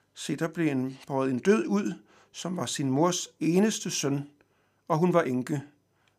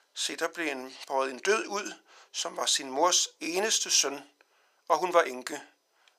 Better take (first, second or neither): first